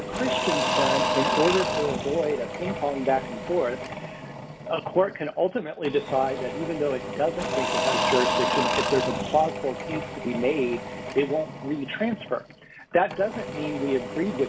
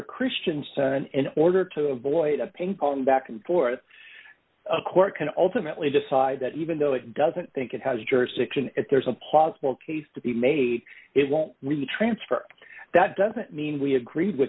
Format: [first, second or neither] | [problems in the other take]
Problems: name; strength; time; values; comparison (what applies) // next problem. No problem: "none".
second | background sound (Engine / Drill / Mechanisms); 2 dB below the speech